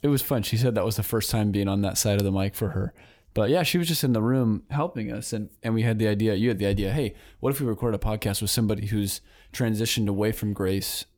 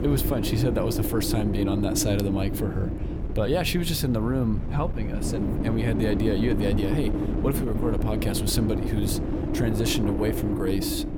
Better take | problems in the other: first | wind noise on the microphone; heavy; 3 dB below the speech

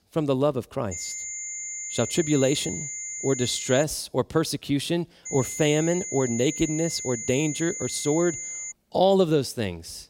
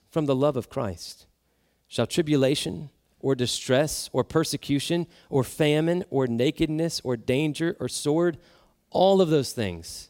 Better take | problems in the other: second | high-pitched whine; loud; from 1 to 4 s and from 5.5 to 8.5 s; 7 kHz, 6 dB below the speech

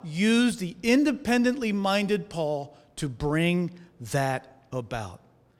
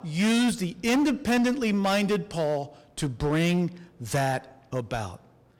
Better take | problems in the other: first | distortion; slight; 12% of the sound clipped

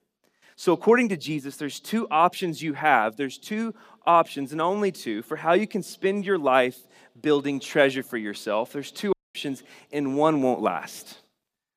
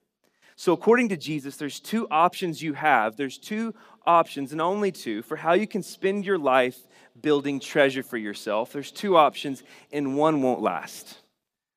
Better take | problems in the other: second | audio cutting out; at 9 s

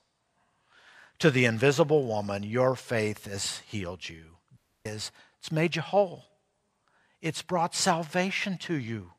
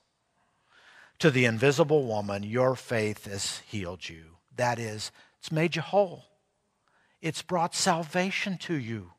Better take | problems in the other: second | audio cutting out; at 4.5 s

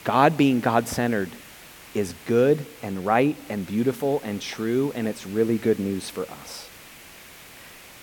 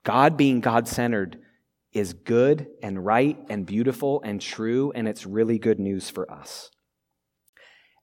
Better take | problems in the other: second | hiss; noticeable; throughout; 20 dB below the speech

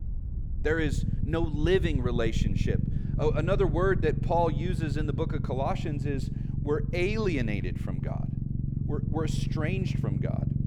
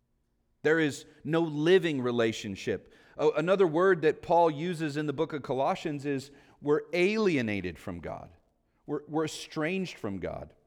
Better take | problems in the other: second | low rumble; noticeable; throughout; 10 dB below the speech

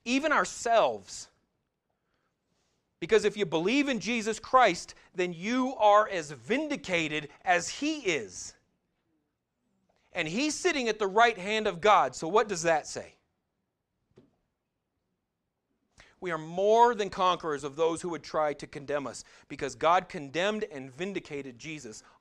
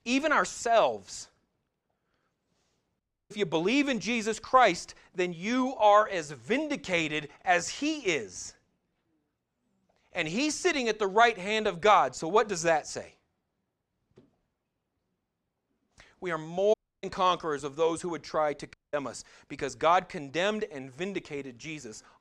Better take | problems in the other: first | audio cutting out; at 3 s, at 17 s and at 19 s

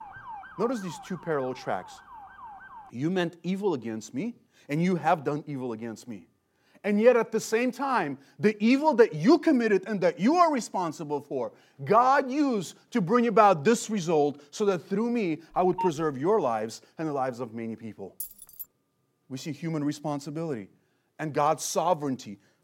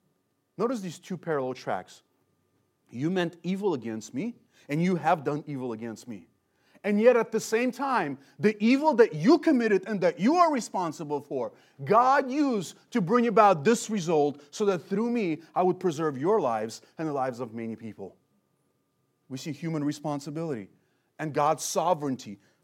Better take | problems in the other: second | siren; faint; until 3 s; peak 15 dB below the speech // phone ringing; noticeable; at 16 s; peak 7 dB below the speech // jangling keys; faint; at 18 s; peak 10 dB below the speech

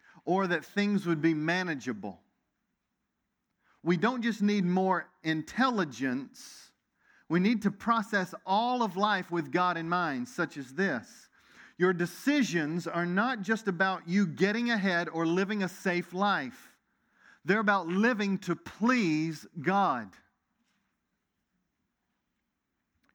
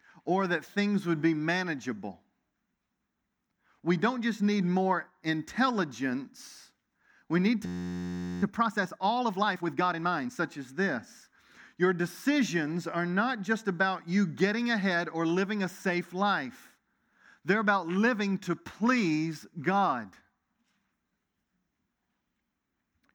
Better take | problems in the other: first | audio freezing; at 7.5 s for 1 s

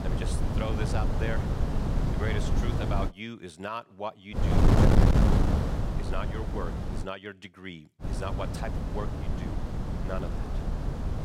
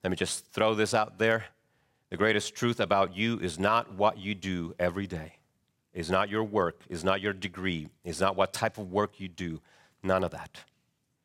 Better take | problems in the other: second | wind noise on the microphone; heavy; until 3 s, from 4.5 to 7 s and from 8 s on; 2 dB above the speech

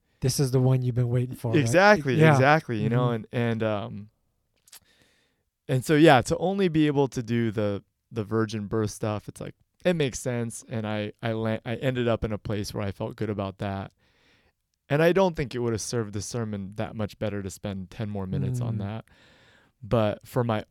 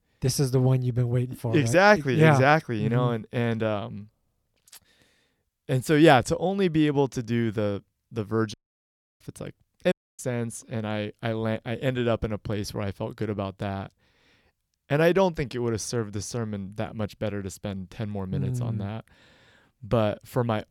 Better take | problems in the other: first | audio cutting out; at 8.5 s for 0.5 s and at 10 s

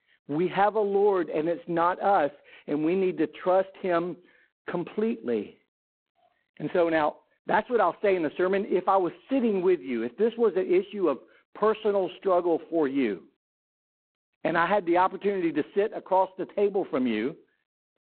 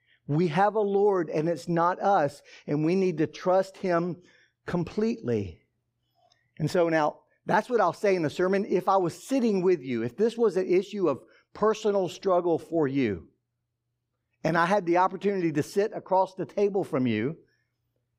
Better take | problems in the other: second | phone-call audio; poor line; nothing above 4 kHz

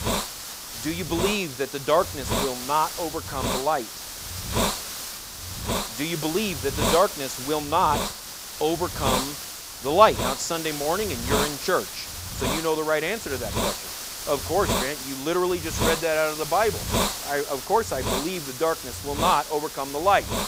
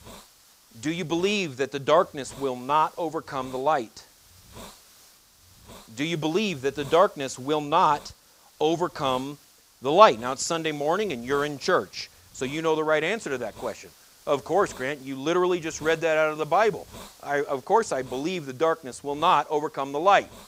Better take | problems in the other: second | hiss; loud; throughout; 4 dB below the speech; faint in the second

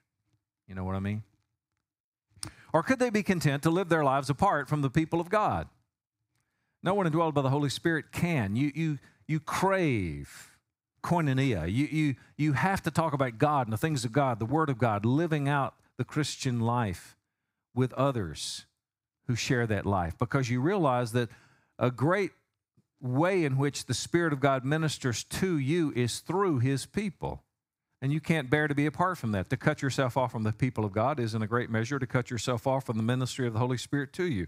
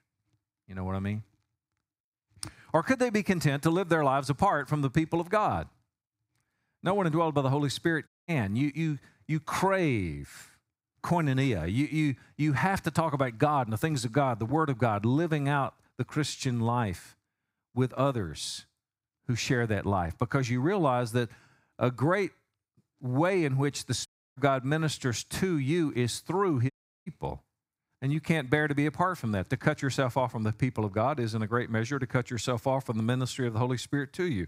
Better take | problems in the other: first | audio cutting out; at 8 s, at 24 s and at 27 s

